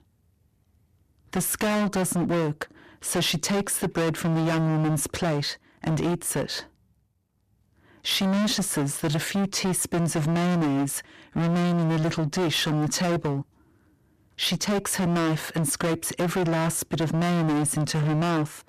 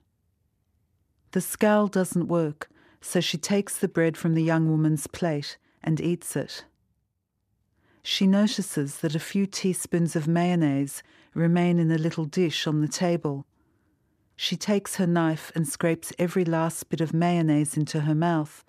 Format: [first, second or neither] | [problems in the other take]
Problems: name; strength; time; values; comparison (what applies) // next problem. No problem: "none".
second | distortion; heavy; 29% of the sound clipped